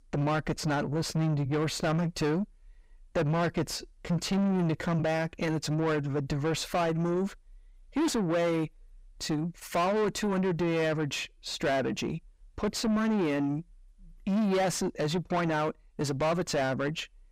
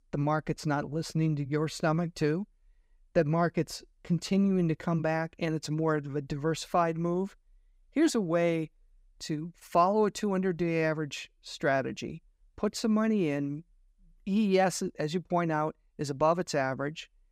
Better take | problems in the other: second | distortion; heavy; 6 dB below the speech

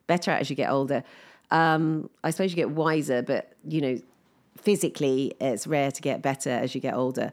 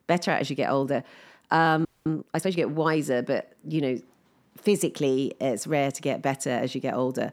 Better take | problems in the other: first | audio freezing; at 2 s

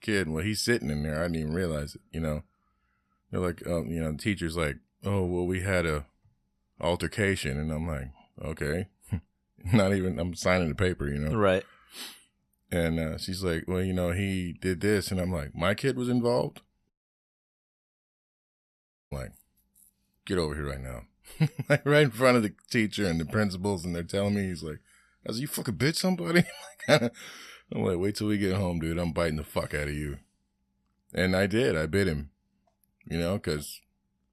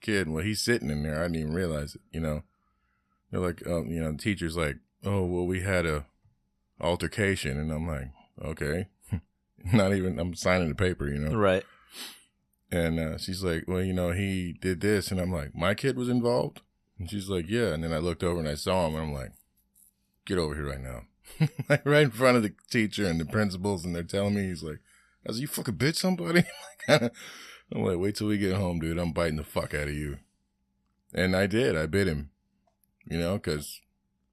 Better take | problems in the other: second | audio cutting out; at 17 s for 2 s

